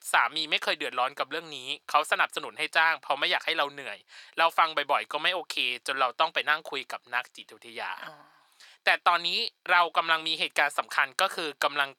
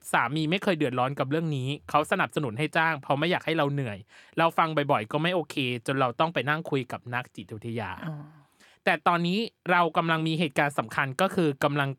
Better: second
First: thin; very; fading below 800 Hz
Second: none

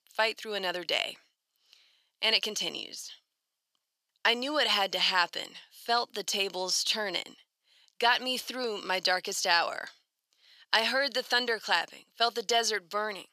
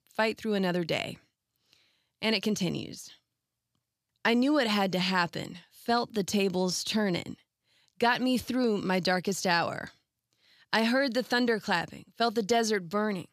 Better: second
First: thin; very; fading below 600 Hz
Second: none

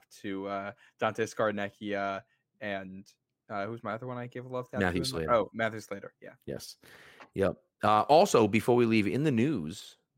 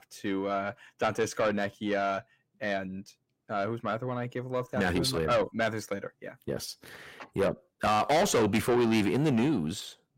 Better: first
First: none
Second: distortion; heavy; 6 dB below the speech

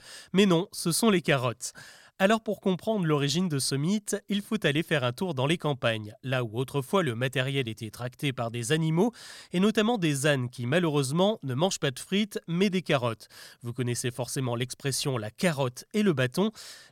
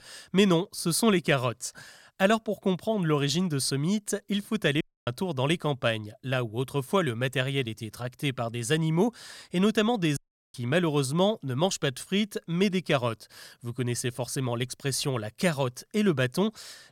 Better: first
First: none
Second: audio cutting out; at 5 s and at 10 s

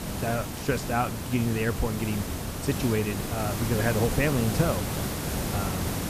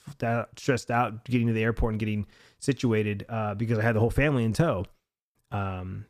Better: second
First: hiss; loud; throughout; 2 dB below the speech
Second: none

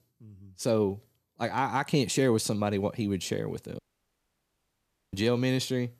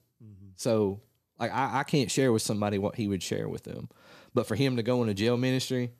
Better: second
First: audio cutting out; at 4 s for 1.5 s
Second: none

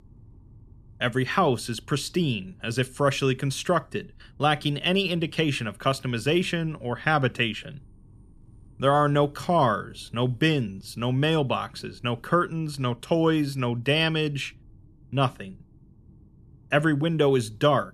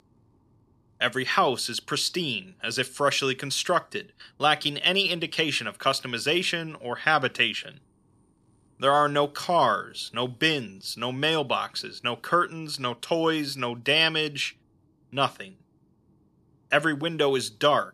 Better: first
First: none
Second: thin; somewhat; fading below 650 Hz

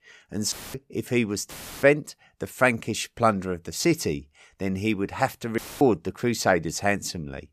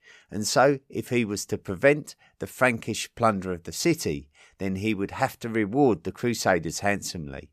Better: second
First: audio cutting out; filled with static; at 0.5 s, at 1.5 s and at 5.5 s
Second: none

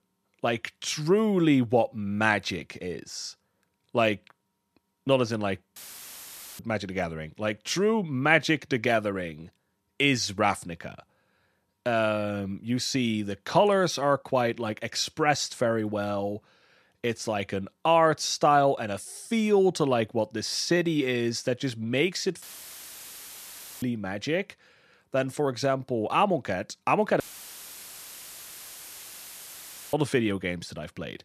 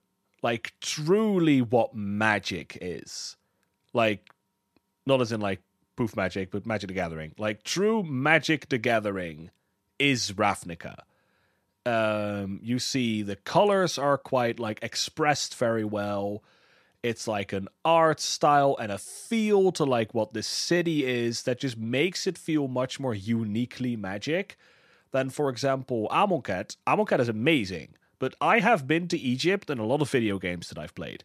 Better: second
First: audio cutting out; filled with static; at 6 s for 1 s, at 22 s for 1.5 s and at 27 s for 2.5 s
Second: none

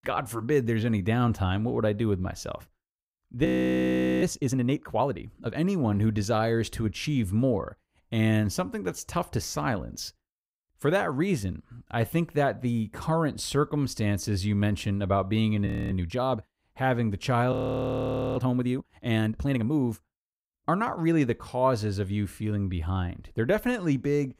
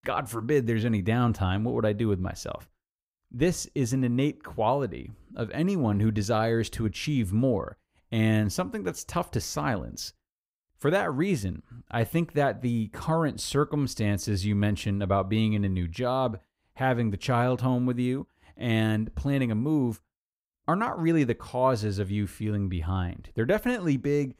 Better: second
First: audio freezing; at 3.5 s for 1 s, at 16 s and at 18 s for 1 s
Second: none

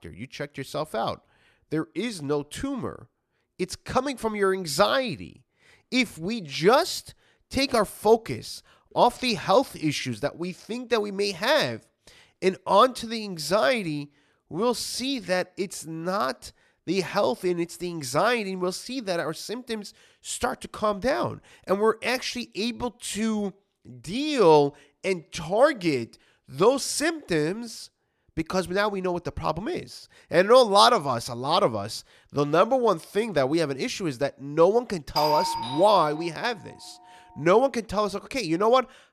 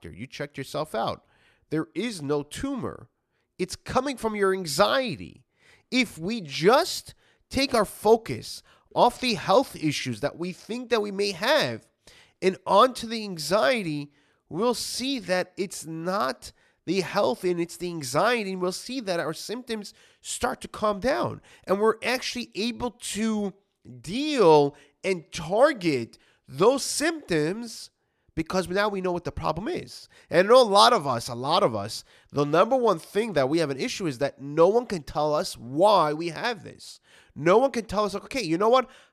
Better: second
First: doorbell; loud; from 35 to 36 s; peak level with the speech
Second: none

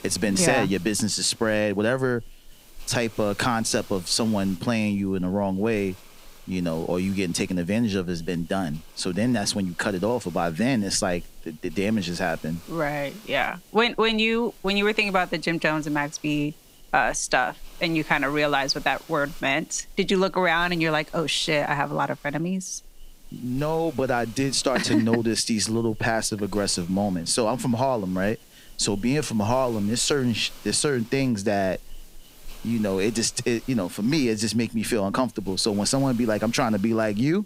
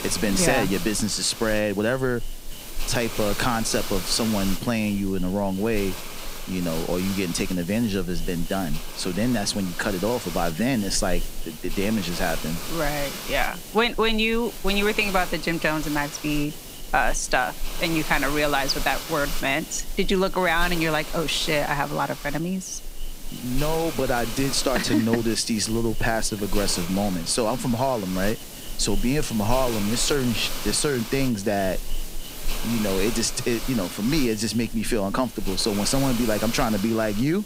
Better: first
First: hiss; faint; throughout; 25 dB below the speech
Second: hiss; loud; throughout; 9 dB below the speech

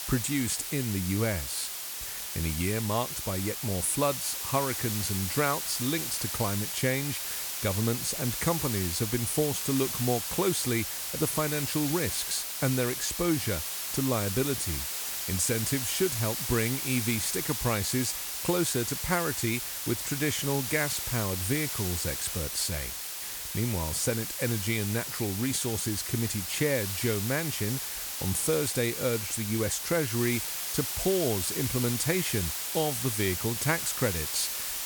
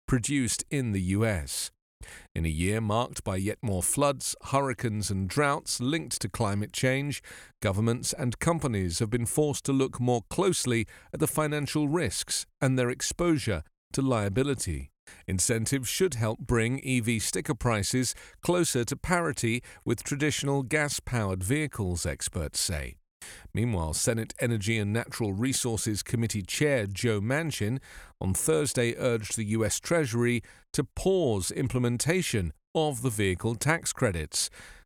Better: second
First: hiss; loud; throughout; 2 dB below the speech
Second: none

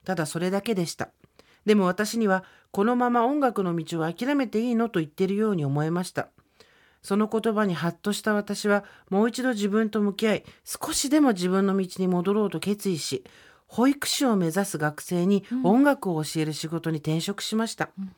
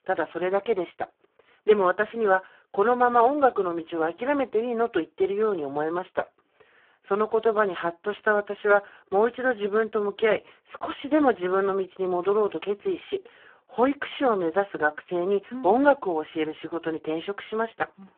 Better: first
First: none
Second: phone-call audio; poor line

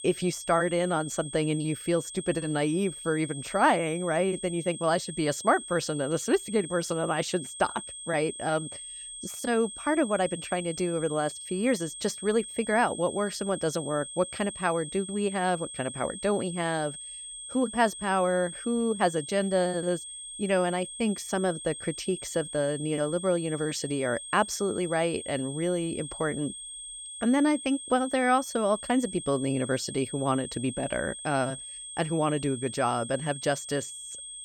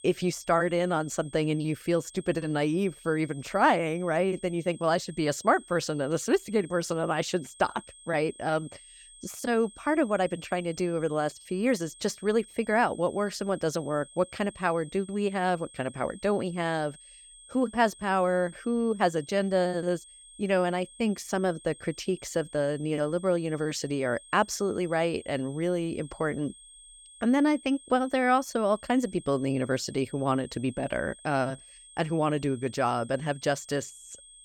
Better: second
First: high-pitched whine; loud; throughout; 8.5 kHz, 10 dB below the speech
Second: high-pitched whine; faint; throughout; 8.5 kHz, 20 dB below the speech

